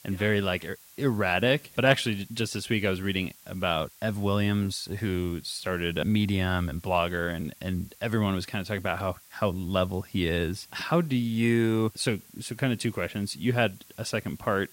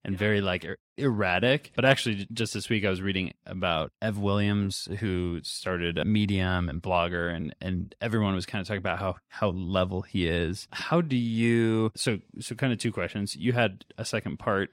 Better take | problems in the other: second | hiss; faint; throughout; 25 dB below the speech

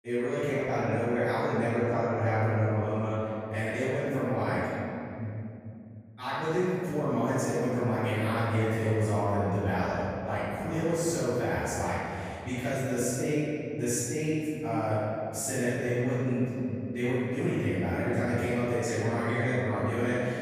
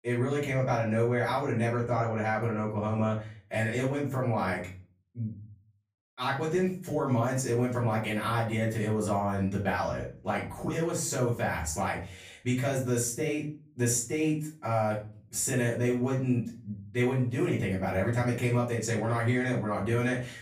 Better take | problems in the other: second | room echo; strong; dies away in 2.6 s; slight in the second // off-mic speech; far; far in the second

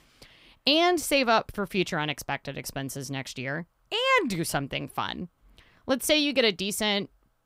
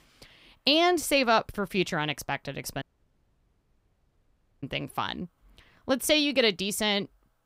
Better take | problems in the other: first | audio cutting out; at 3 s for 2 s

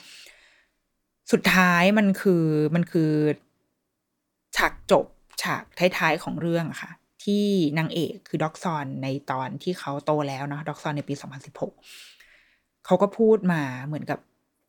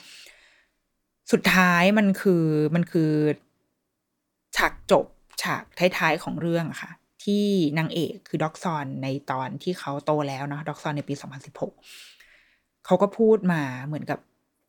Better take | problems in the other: neither | none

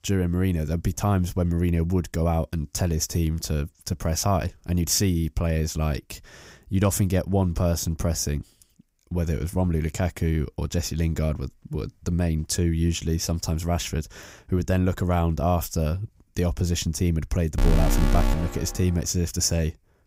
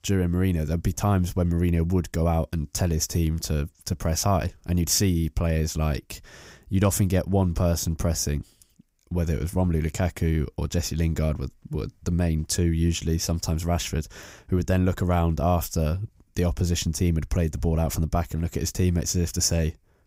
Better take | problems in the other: second | alarm; loud; from 18 to 19 s; peak 1 dB above the speech

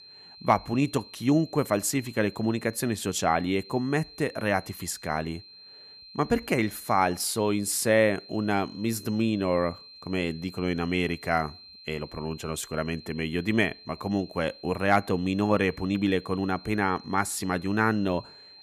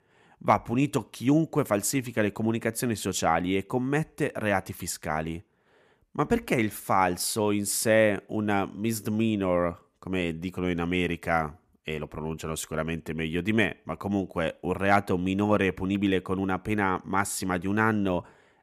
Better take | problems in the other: second | high-pitched whine; noticeable; throughout; 4 kHz, 20 dB below the speech

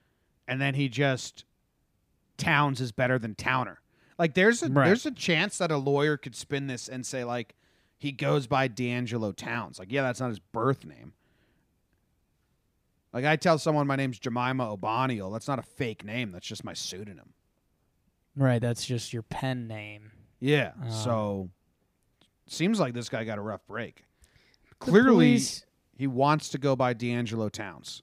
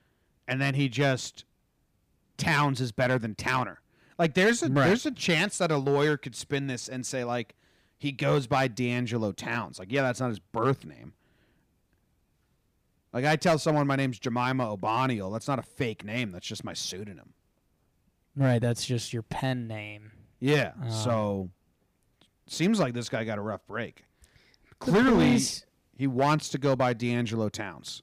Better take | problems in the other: first | distortion; slight; 2% of the sound clipped

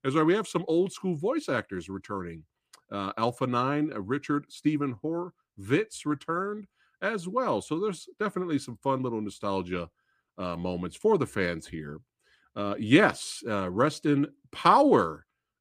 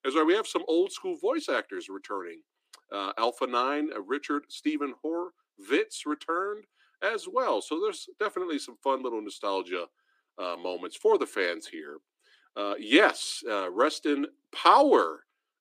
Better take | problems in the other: first | thin; very slightly; fading below 300 Hz

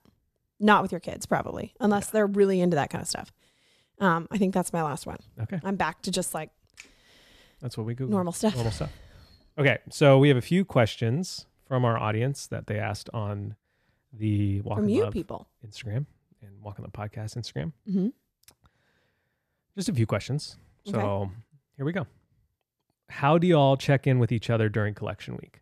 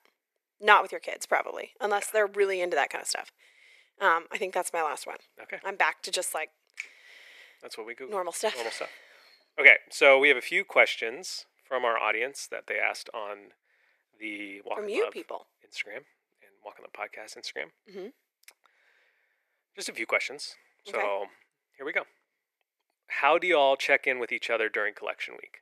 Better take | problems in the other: first | thin; very; fading below 400 Hz

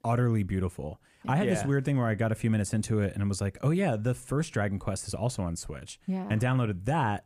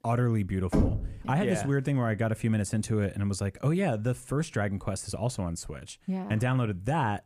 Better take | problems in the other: first | door banging; loud; at 0.5 s; peak 2 dB above the speech

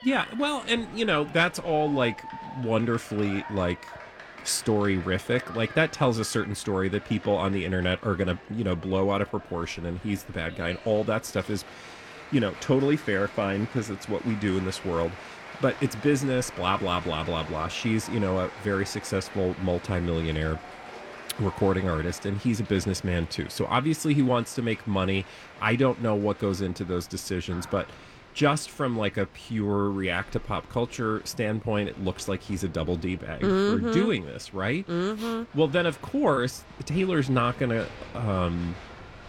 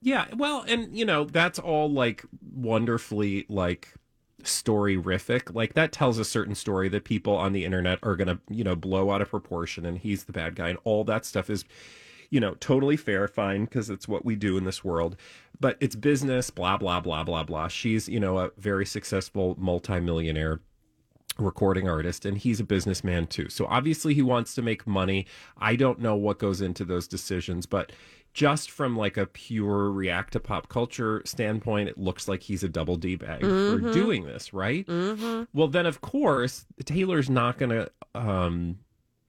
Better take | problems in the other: second | crowd noise; noticeable; throughout; 15 dB below the speech

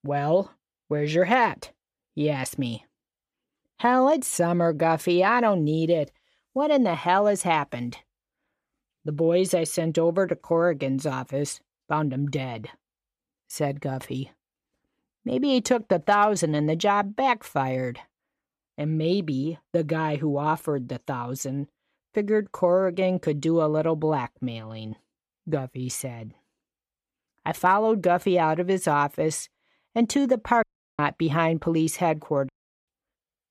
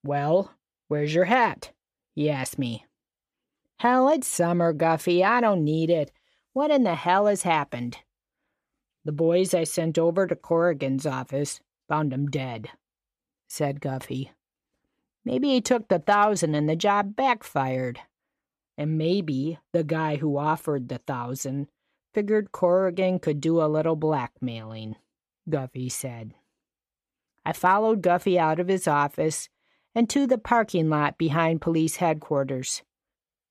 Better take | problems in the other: second | audio cutting out; at 31 s and at 32 s

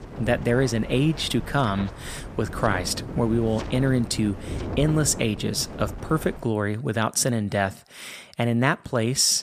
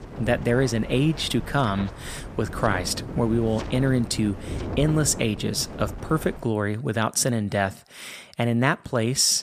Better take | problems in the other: neither | wind noise on the microphone; occasional gusts; until 6.5 s; 15 dB below the speech; the same in both

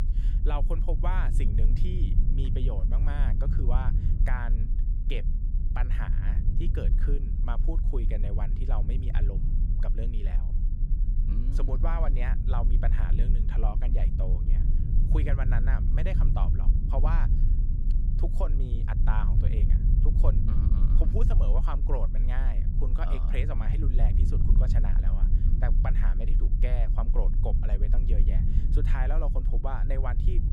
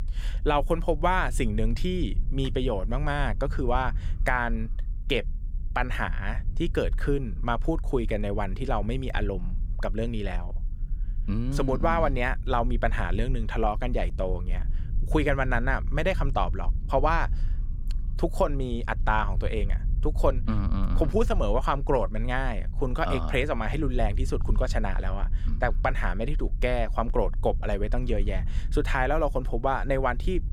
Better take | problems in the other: second | low rumble; loud; throughout; 5 dB below the speech; faint in the second

